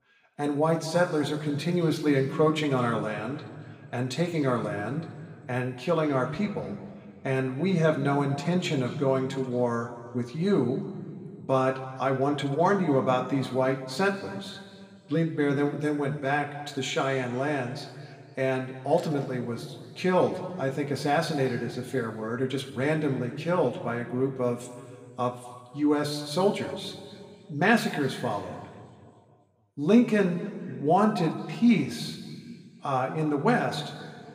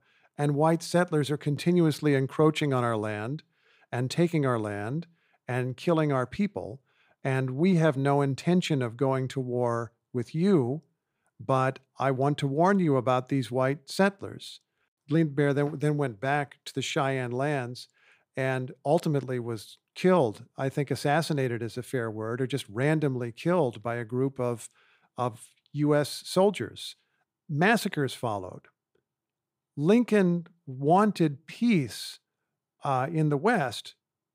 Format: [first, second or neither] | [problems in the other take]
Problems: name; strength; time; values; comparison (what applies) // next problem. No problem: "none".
second | room echo; slight; dies away in 1.9 s // off-mic speech; somewhat distant